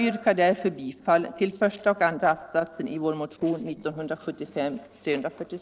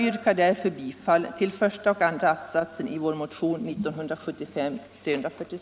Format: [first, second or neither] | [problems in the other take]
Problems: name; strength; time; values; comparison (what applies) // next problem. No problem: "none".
second | noise reduction (neural separator model SepFormer DNS4)